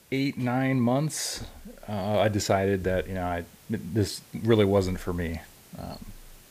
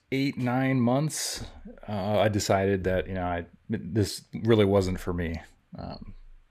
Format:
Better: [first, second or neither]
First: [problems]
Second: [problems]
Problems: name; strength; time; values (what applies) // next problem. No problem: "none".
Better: second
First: hiss; faint; throughout; 25 dB below the speech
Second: none